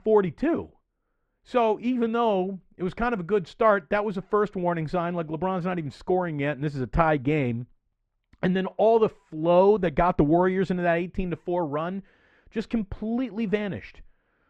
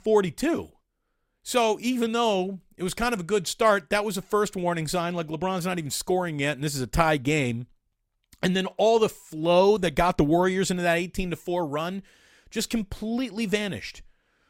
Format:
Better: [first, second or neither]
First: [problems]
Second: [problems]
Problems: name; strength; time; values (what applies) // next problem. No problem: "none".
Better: second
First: muffled; very; fading above 1.5 kHz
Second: none